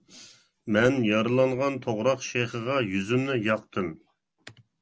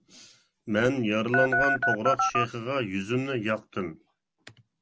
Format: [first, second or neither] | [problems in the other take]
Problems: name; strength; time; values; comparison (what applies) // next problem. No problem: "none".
first | background sound (Telephone); 4 dB above the speech